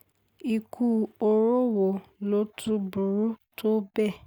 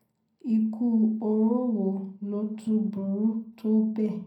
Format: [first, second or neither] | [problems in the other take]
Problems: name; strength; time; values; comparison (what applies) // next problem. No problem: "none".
first | room echo; dies away in 0.6 s